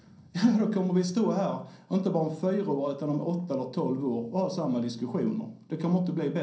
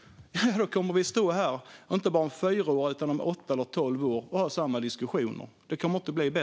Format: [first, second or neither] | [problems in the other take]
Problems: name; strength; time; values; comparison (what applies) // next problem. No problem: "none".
second | room echo; dies away in 0.6 s